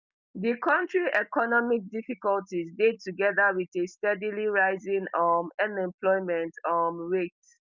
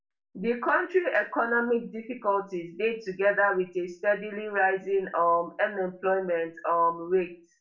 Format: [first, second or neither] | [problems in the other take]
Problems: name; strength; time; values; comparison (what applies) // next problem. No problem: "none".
first | room echo; dies away in 0.3 s